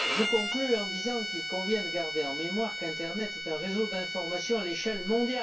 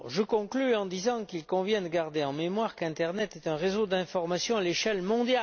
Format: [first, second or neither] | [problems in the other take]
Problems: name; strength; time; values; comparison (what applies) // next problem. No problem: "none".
second | background sound (Bowed string instrument); 3 dB below the speech // room echo; dies away in 0.2 s